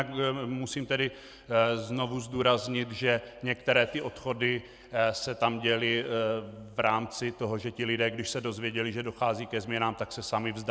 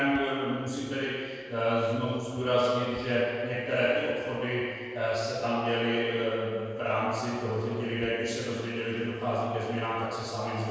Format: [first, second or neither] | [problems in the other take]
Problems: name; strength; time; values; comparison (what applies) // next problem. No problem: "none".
first | noise reduction (neural separator model SepFormer DNS4)